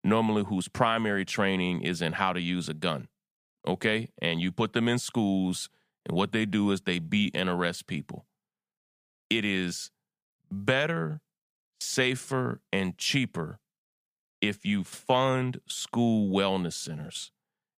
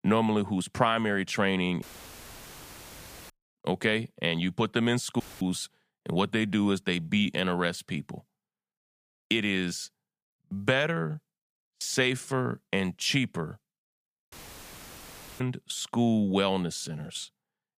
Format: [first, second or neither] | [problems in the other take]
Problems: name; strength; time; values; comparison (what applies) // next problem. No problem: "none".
first | audio cutting out; filled with static; at 2 s for 1.5 s, at 5 s and at 14 s for 1 s